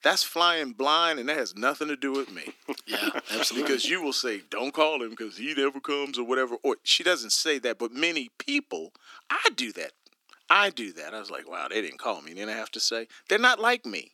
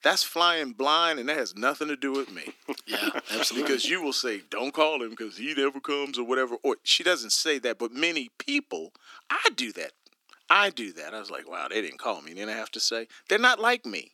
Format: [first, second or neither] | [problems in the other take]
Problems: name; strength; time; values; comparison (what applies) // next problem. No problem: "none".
neither | thin; somewhat; fading below 300 Hz; the same in both